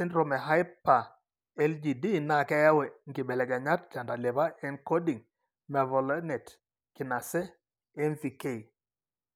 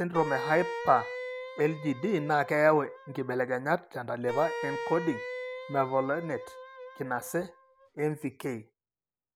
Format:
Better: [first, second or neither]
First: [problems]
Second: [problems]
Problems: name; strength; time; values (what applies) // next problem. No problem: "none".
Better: first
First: none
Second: background sound (Wind instrument, woodwind instrument); 9 dB below the speech